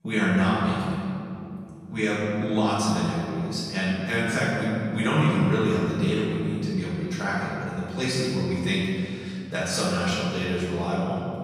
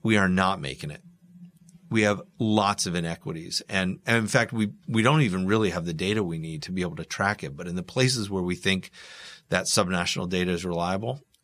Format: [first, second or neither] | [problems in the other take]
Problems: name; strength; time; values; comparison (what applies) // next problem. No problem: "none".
second | off-mic speech; far // room echo; strong; dies away in 2.6 s